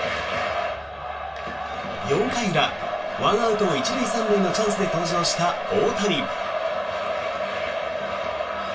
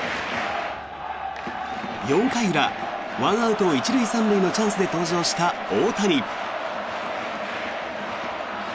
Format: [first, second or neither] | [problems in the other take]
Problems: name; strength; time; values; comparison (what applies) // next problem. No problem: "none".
second | room echo; dies away in 0.2 s